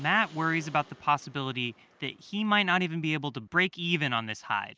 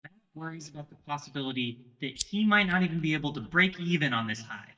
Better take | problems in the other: first | noise reduction (neural mask model DeepFilterNet 3)

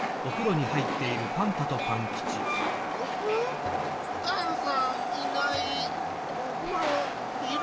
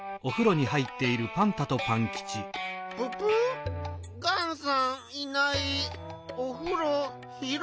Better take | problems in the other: second | background sound (Train); 1 dB above the speech // room echo; dies away in 2.7 s

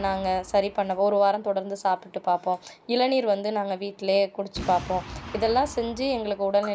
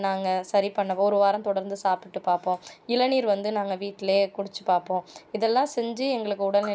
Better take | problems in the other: second | background sound (Boom); 18 dB below the speech

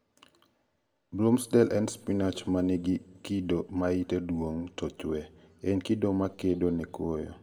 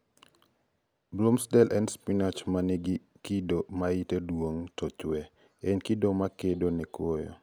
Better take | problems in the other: second | room echo; dies away in 0.7 s

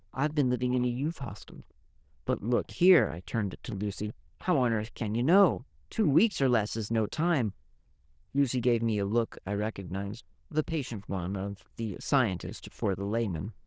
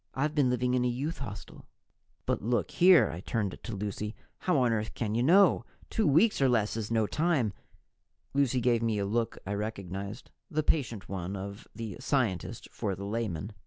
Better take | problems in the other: second | noise reduction (neural diffusion model UNIVERSE++)

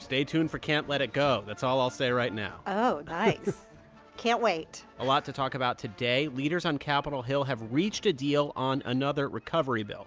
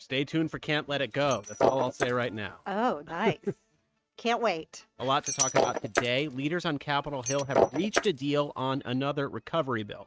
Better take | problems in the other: first | noise reduction (neural mask model RNNoise)

